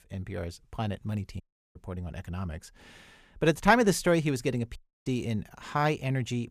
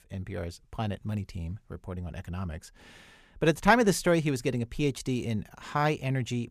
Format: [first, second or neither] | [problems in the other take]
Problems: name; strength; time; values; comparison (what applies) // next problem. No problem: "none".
second | audio cutting out; at 1.5 s and at 5 s